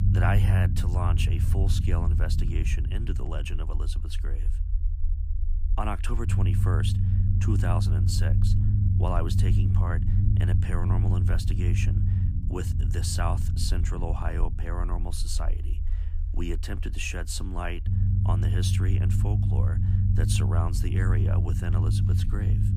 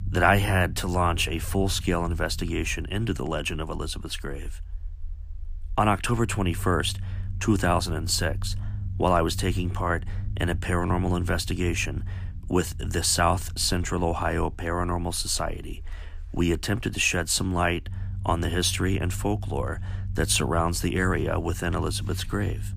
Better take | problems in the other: second | low rumble; loud; throughout; 3 dB below the speech; faint in the second

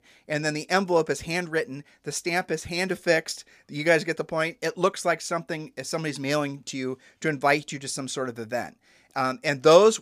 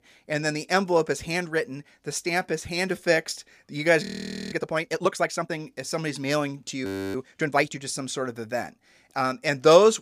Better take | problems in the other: first | audio freezing; at 4 s and at 7 s

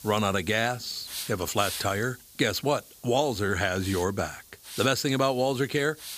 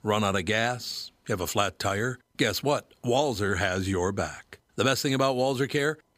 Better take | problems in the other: second | hiss; noticeable; throughout; 15 dB below the speech

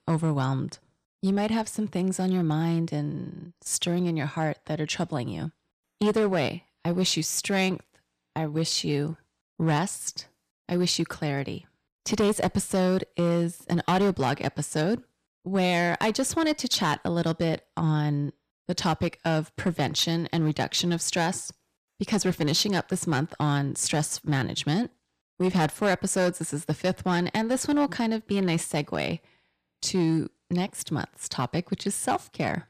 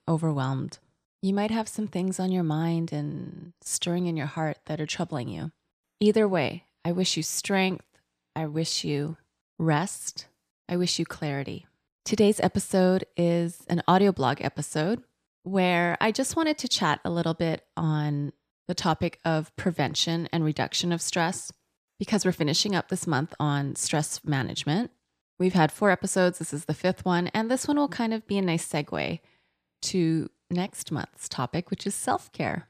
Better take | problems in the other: second | distortion; slight; 5% of the sound clipped

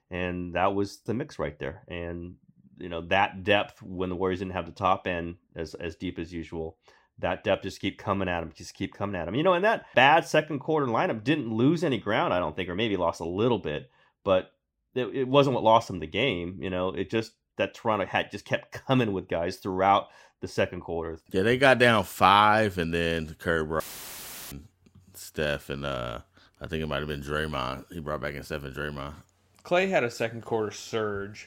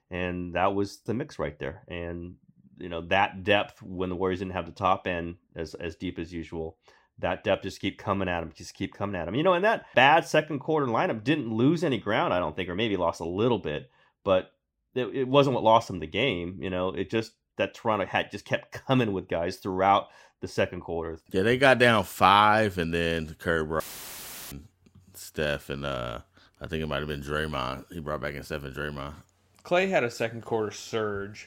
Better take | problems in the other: neither | audio cutting out; filled with static; at 24 s for 0.5 s; the same in both

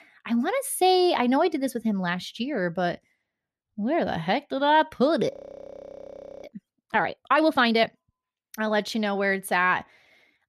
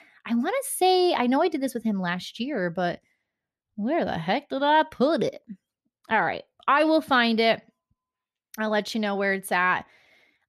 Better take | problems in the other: second | audio freezing; at 5.5 s for 1 s

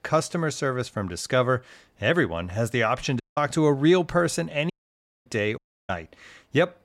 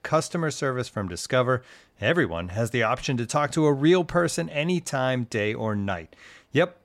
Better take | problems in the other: second | audio cutting out; at 3 s, at 4.5 s for 0.5 s and at 5.5 s

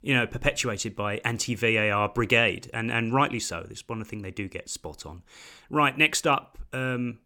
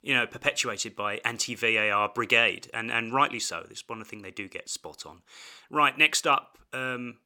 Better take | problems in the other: first | thin; somewhat; fading below 850 Hz

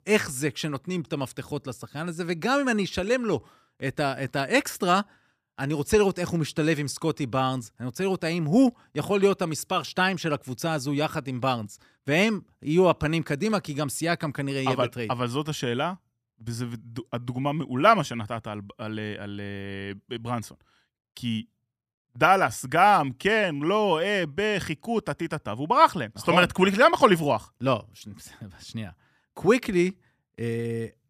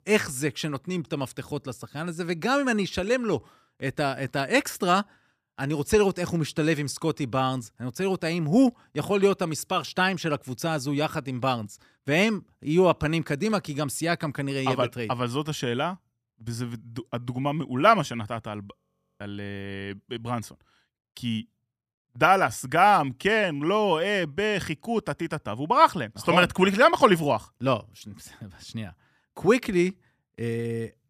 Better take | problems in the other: first | audio freezing; at 19 s

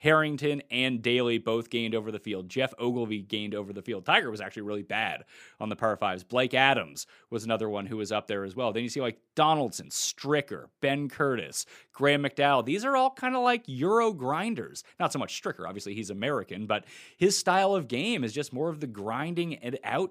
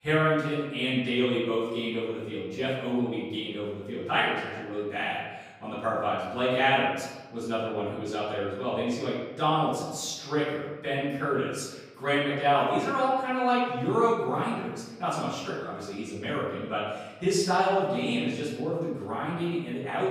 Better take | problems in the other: first | room echo; noticeable; dies away in 1 s // off-mic speech; far

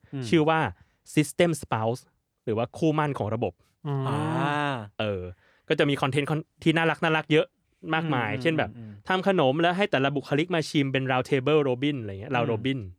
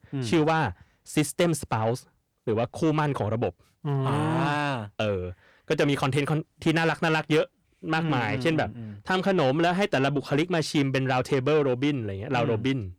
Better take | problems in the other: first | distortion; slight; 10 dB below the speech

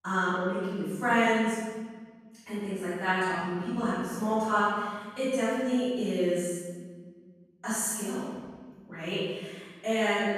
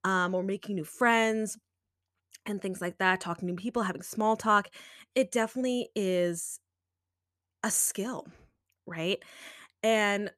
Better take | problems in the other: second | off-mic speech; far // room echo; strong; dies away in 1.4 s

